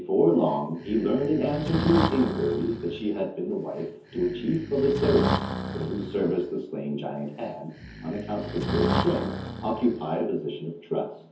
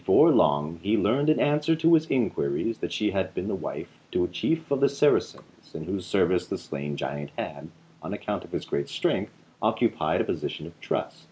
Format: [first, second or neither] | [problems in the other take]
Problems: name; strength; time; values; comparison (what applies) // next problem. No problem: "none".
second | background sound (Breathing); 5 dB below the speech // room echo; dies away in 0.5 s